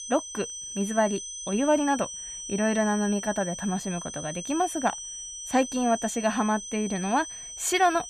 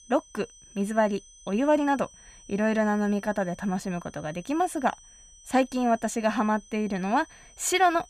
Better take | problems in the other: second | high-pitched whine; loud; throughout; 6 kHz, 8 dB below the speech; faint in the second

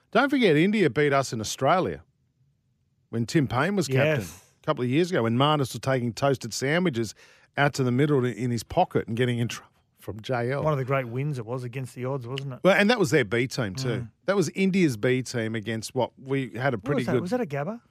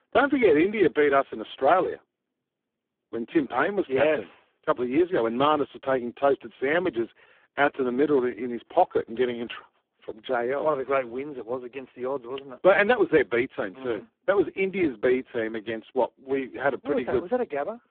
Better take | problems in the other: first | phone-call audio; poor line

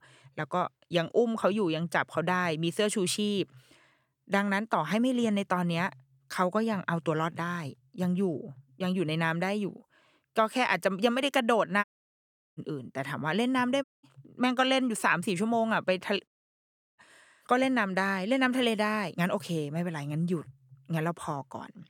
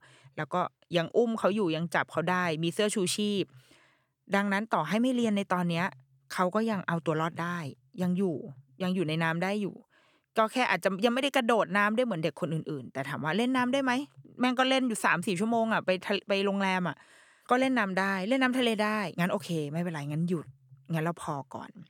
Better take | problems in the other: second | audio cutting out; at 12 s for 0.5 s, at 14 s and at 16 s for 0.5 s

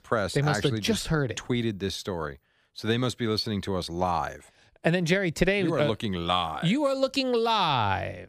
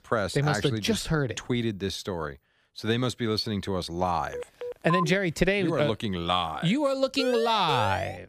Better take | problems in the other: first | phone ringing; noticeable; at 4.5 s; peak 3 dB below the speech // siren; noticeable; at 7 s; peak 6 dB below the speech

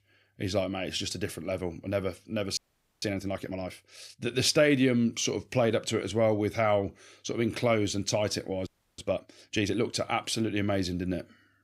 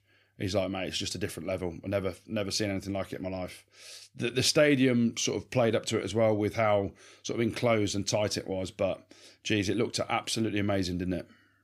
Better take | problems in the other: second | audio freezing; at 2.5 s and at 8.5 s

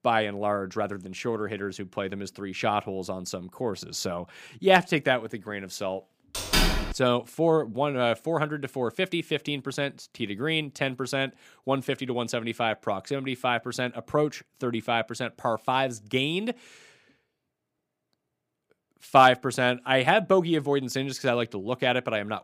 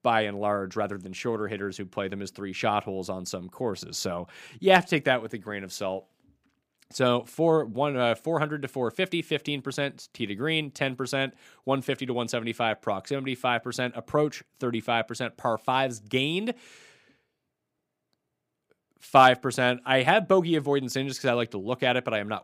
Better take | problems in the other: second | door banging; loud; at 6.5 s; peak 4 dB above the speech

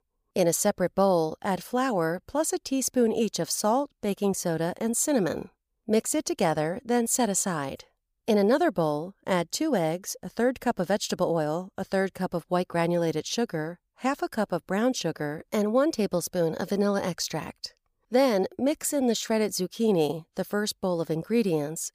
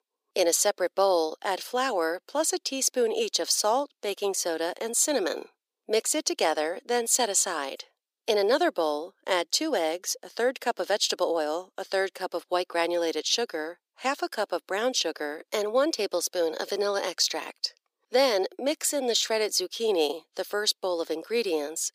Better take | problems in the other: first | thin; somewhat; fading below 300 Hz

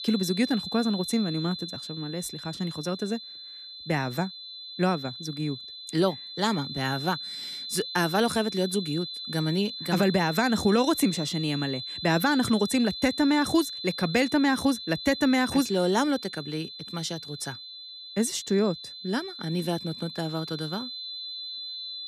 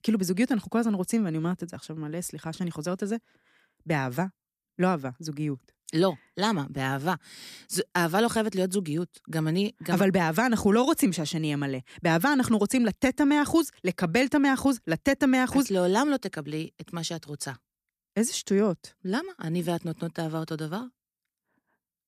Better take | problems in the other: second | high-pitched whine; loud; throughout; 4 kHz, 8 dB below the speech

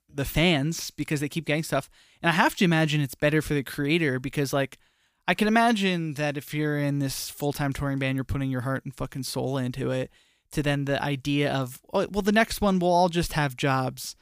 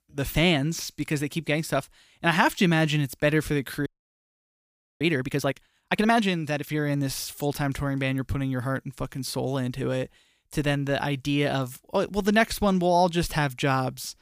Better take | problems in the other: first | audio freezing; at 4 s for 1 s

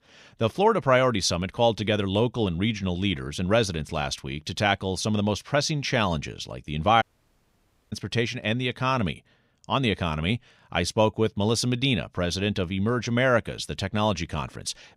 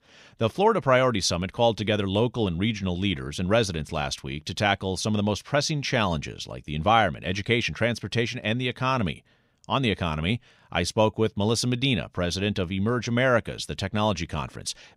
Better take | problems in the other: second | audio cutting out; at 7 s for 1 s

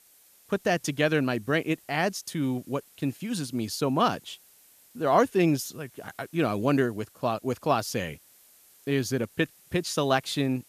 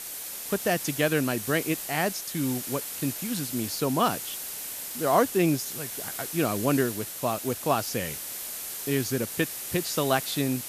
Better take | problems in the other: first | hiss; loud; throughout; 5 dB below the speech; faint in the first

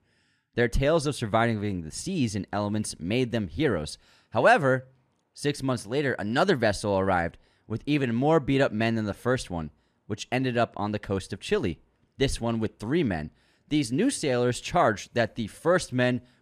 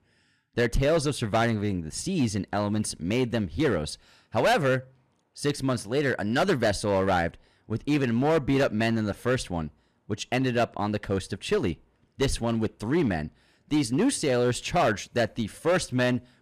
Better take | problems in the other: first | distortion; slight; 6% of the sound clipped

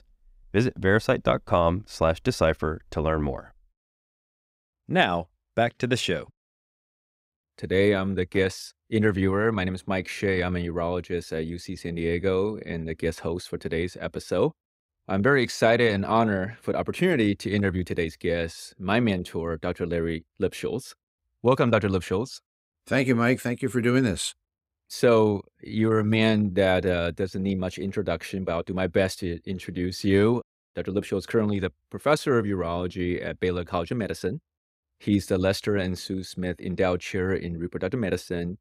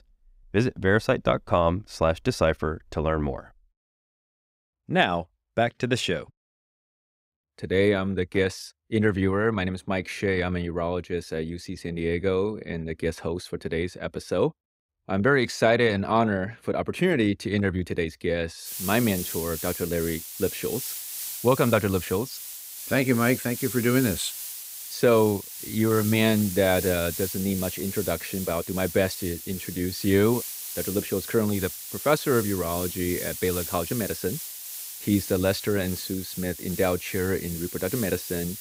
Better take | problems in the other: first | hiss; loud; from 19 s on; 7 dB below the speech

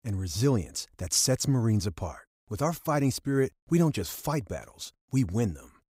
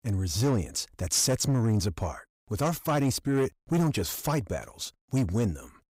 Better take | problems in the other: first | distortion; slight; 10 dB below the speech

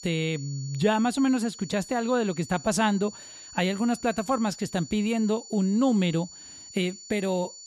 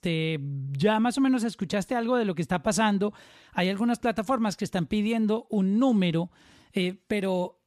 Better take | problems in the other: second | high-pitched whine; noticeable; throughout; 7 kHz, 15 dB below the speech

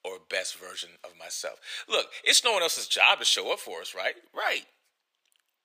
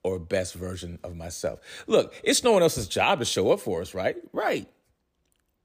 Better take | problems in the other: second | thin; very; fading below 850 Hz

